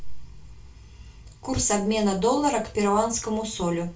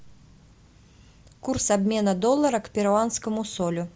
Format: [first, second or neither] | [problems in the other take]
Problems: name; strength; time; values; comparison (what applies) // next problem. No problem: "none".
second | room echo; dies away in 0.2 s